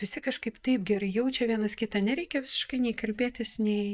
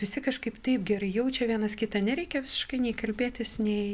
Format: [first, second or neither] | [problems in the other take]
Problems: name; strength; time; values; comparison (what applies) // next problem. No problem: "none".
second | noise reduction (neural mask model DeepFilterNet 3)